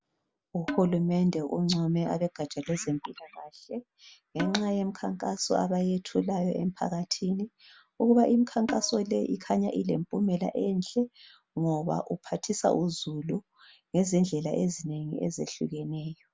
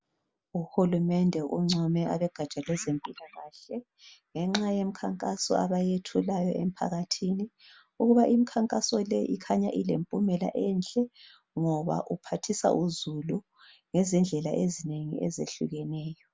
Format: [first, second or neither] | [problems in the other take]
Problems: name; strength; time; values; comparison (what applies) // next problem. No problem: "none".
second | background sound (Percussion); 9 dB below the speech